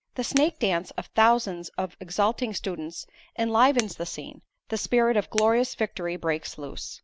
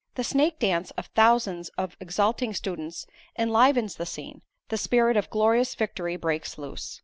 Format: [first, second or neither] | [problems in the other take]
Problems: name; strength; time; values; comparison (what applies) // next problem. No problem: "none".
second | background sound (Shatter); 15 dB below the speech